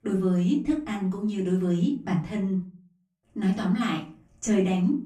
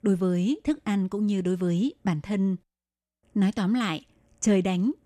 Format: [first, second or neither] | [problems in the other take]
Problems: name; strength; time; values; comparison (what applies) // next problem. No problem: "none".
second | room echo; slight; dies away in 0.3 s // off-mic speech; far